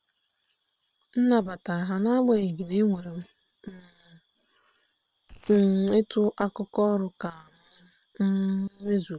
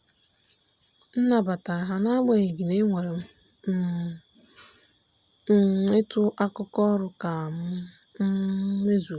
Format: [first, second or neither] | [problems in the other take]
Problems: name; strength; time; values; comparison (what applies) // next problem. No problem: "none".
second | noise reduction (neural separator model SepFormer WHAM!)